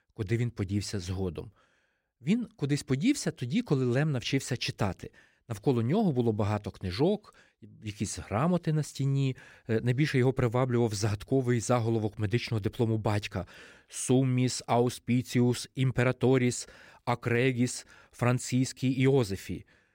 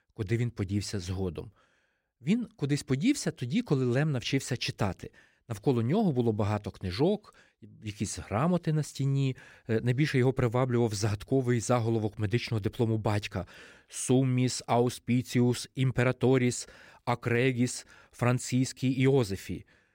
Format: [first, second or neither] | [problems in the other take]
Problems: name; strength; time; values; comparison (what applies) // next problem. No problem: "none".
neither | none